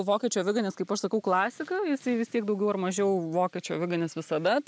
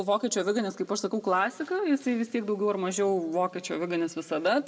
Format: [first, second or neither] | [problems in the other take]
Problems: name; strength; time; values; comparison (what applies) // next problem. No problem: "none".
first | room echo; dies away in 0.2 s